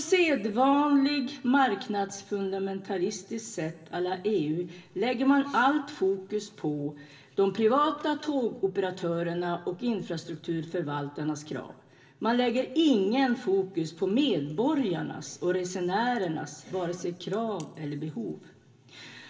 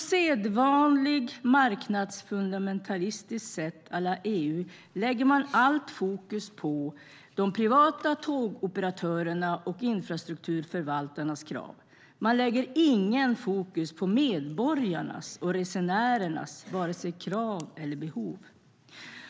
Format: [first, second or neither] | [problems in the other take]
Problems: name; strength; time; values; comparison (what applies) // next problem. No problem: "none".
second | room echo; dies away in 0.8 s